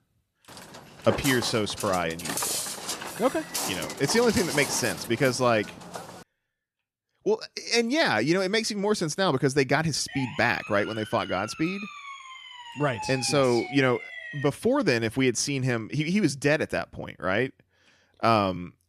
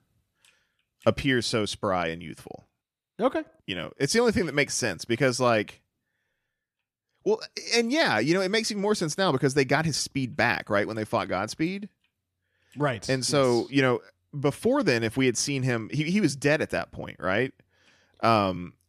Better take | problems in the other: second | footsteps; noticeable; until 6 s; peak 1 dB below the speech // siren; noticeable; from 10 to 14 s; peak 9 dB below the speech

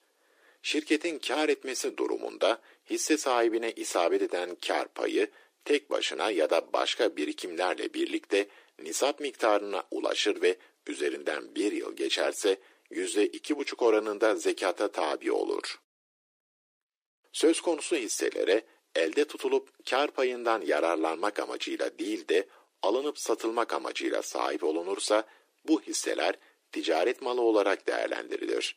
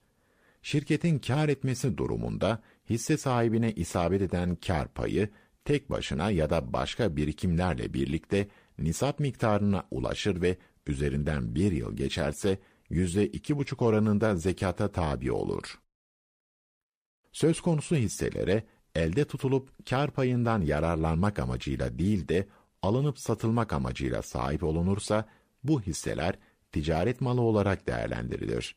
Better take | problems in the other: second | thin; very; fading below 300 Hz

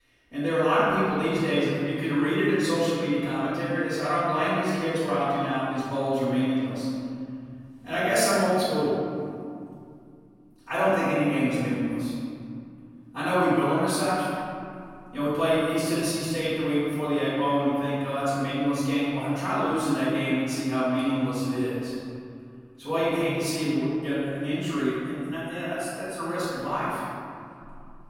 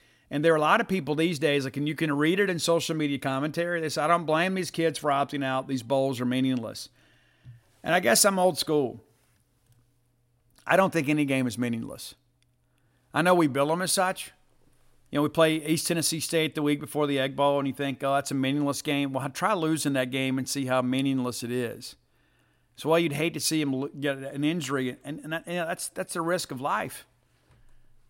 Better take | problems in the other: second | room echo; strong; dies away in 2.5 s // off-mic speech; far

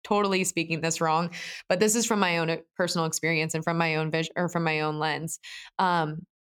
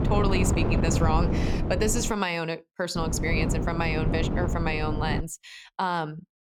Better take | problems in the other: first | wind noise on the microphone; heavy; until 2 s and from 3 to 5 s; 5 dB below the speech

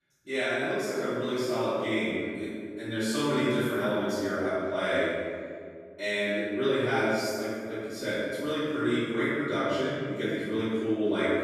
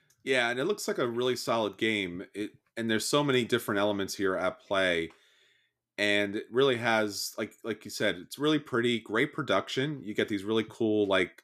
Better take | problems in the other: second | off-mic speech; far // room echo; strong; dies away in 1.8 s

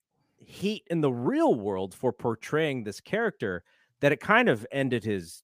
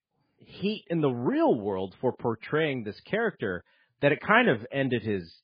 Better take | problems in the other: first | garbled, watery; badly; nothing above 5 kHz

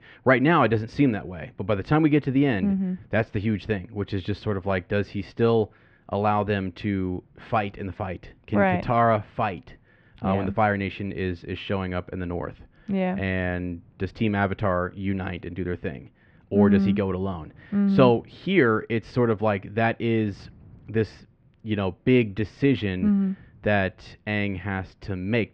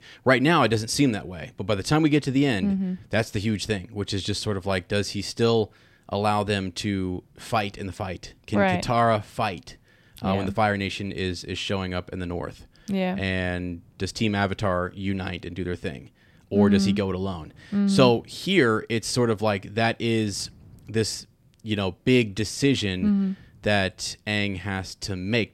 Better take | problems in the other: second | muffled; very; fading above 2.5 kHz

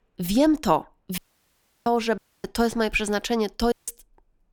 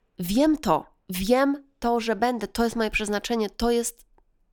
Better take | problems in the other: second | audio cutting out; at 1 s for 0.5 s, at 2 s and at 3.5 s

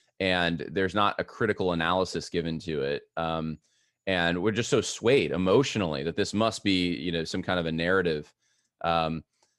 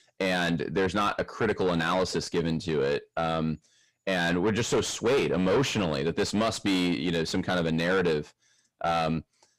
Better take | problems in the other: first | distortion; heavy; 7 dB below the speech

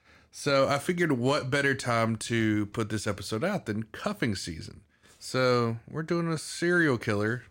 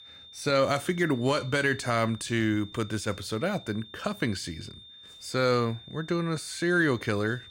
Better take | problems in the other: first | high-pitched whine; noticeable; throughout; 3.5 kHz, 20 dB below the speech

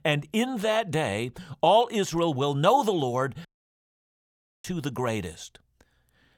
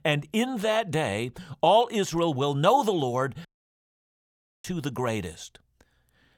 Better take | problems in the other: neither | audio cutting out; at 3.5 s for 1 s; the same in both

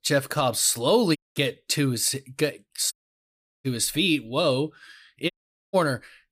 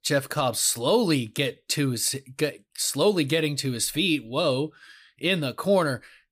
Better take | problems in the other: second | audio cutting out; at 1 s, at 3 s for 0.5 s and at 5.5 s

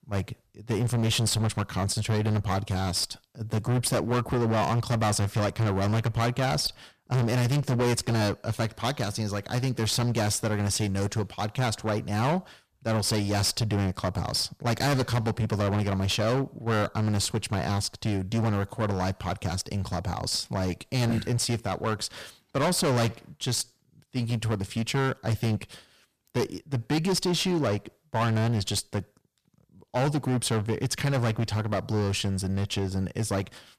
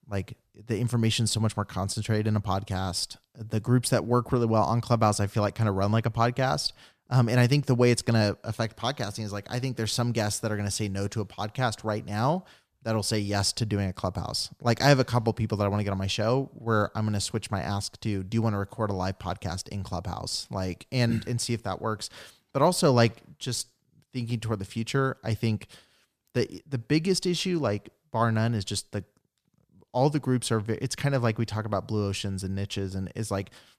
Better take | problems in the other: second | distortion; heavy; 17% of the sound clipped

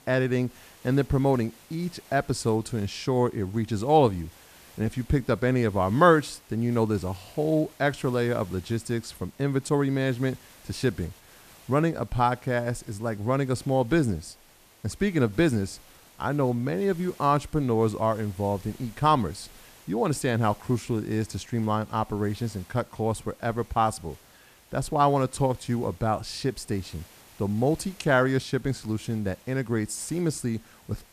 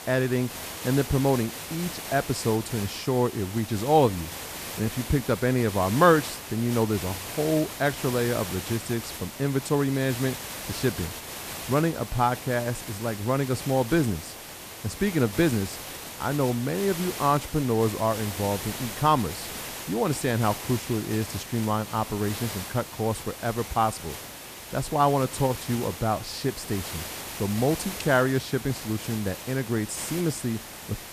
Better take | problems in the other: first | hiss; loud; throughout; 9 dB below the speech; faint in the first

